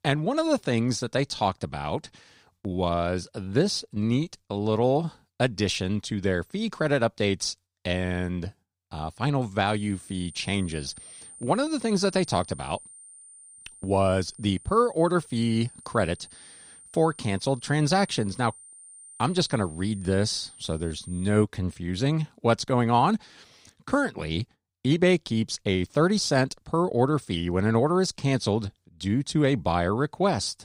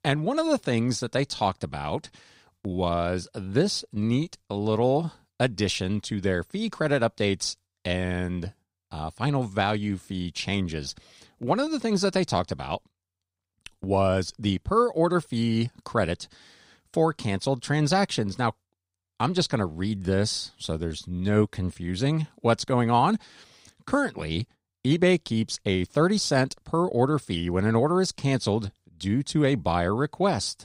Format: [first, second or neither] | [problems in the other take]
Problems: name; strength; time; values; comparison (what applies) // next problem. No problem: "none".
second | high-pitched whine; noticeable; from 9.5 to 21 s; 9 kHz, 20 dB below the speech